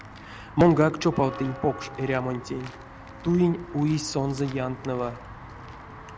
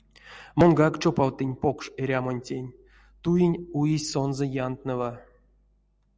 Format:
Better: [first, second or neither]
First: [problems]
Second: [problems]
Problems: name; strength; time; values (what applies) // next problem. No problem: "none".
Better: second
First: background sound (Walk, footsteps / Bell); 15 dB below the speech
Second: none